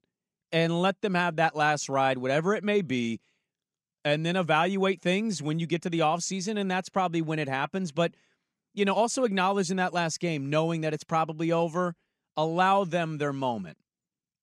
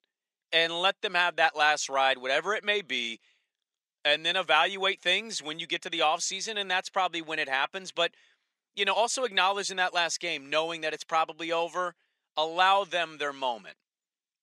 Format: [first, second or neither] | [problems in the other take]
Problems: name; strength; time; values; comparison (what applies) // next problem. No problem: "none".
first | thin; very; fading below 600 Hz